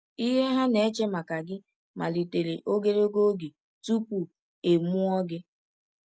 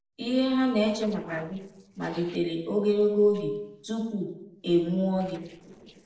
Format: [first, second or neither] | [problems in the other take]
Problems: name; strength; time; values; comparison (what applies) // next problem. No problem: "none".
first | noise reduction (neural separator model SepFormer DNS4)